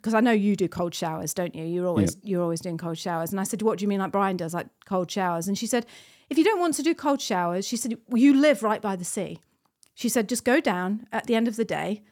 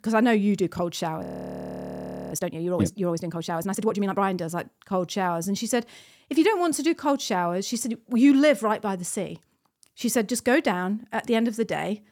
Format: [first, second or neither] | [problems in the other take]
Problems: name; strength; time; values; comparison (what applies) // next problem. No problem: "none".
first | audio freezing; at 1 s for 1 s